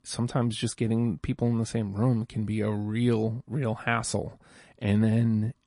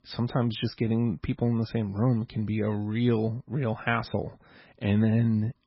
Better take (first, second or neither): first